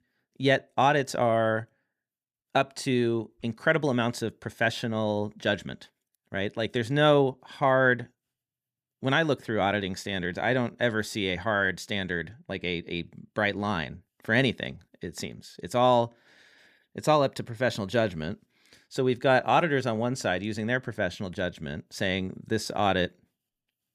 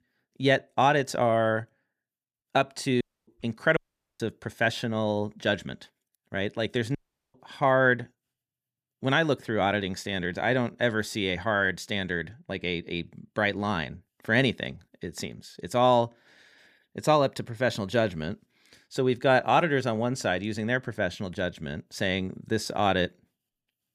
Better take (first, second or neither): first